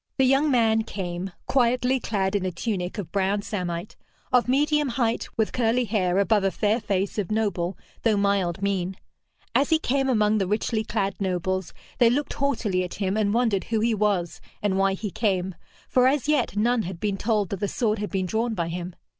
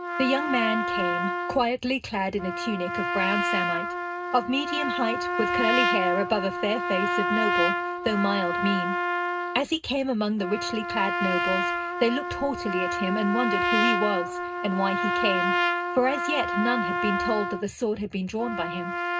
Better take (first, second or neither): first